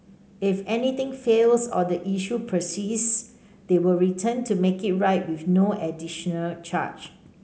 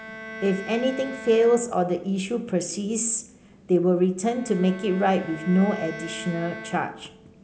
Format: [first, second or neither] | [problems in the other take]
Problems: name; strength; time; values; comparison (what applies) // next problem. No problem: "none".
first | background sound (Bowed string instrument); 16 dB below the speech